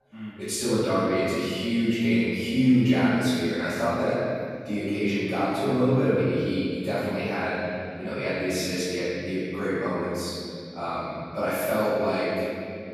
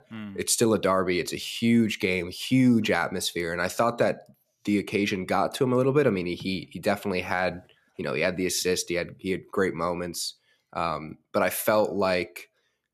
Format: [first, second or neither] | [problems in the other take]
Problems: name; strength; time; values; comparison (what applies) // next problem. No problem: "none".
second | off-mic speech; far // room echo; strong; dies away in 2.5 s